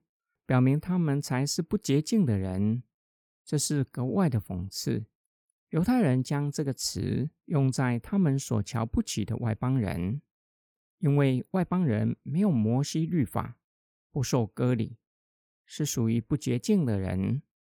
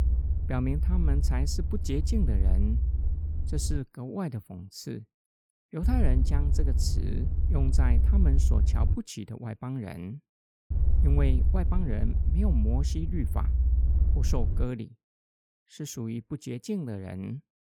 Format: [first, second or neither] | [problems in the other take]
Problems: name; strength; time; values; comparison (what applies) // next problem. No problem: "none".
first | low rumble; loud; until 4 s, from 6 to 9 s and from 11 to 15 s; 7 dB below the speech